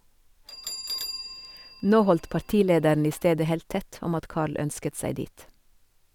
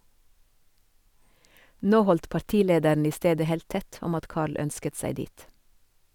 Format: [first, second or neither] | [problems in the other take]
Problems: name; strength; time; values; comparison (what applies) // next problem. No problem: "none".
second | background sound (Bell); 16 dB below the speech